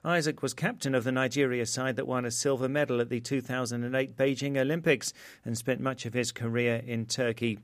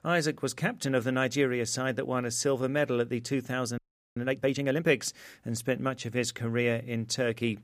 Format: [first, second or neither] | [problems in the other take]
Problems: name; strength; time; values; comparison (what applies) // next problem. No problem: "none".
first | audio freezing; at 4 s